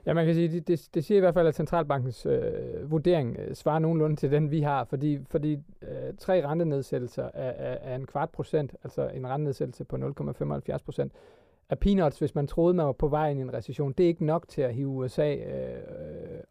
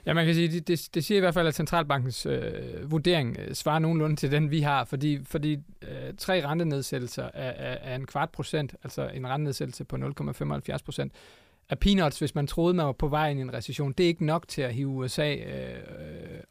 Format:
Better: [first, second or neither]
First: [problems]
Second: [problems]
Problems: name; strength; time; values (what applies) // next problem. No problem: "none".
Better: second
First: muffled; slightly; fading above 1.5 kHz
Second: none